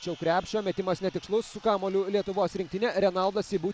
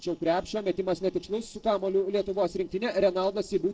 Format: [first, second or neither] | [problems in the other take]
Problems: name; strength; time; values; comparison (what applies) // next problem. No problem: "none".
first | noise reduction (neural separator model SepFormer DNS4)